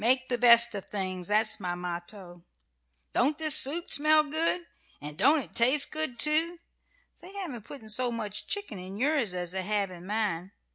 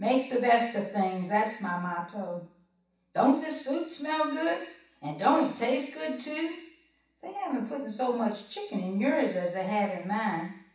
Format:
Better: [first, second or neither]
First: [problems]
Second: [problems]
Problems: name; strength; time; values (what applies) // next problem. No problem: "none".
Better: first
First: none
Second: room echo; dies away in 0.7 s